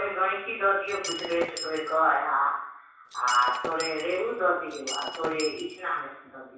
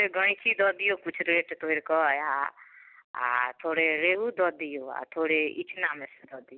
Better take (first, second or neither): second